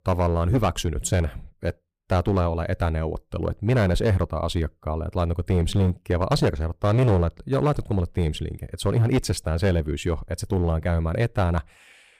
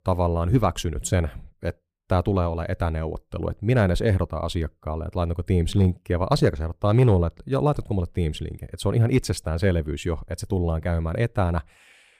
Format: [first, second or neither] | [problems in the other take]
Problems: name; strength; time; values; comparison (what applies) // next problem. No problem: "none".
second | distortion; slight; 6% of the sound clipped